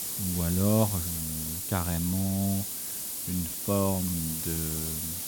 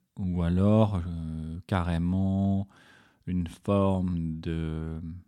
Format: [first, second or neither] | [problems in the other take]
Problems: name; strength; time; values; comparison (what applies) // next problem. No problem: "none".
second | hiss; loud; throughout; 1 dB below the speech